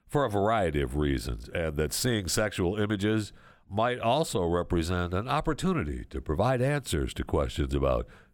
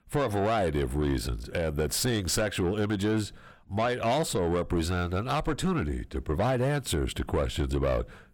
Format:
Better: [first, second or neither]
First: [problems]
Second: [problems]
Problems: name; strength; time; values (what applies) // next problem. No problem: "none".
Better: first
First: none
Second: distortion; slight; 10 dB below the speech